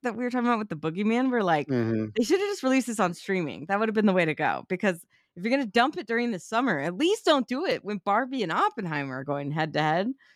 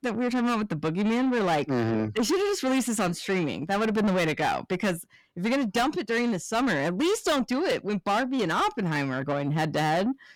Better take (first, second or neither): first